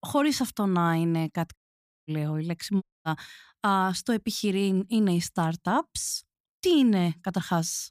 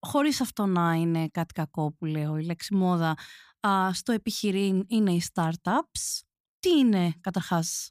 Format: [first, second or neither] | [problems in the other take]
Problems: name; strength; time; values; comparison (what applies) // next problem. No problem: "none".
second | audio cutting out; at 1.5 s for 0.5 s and at 3 s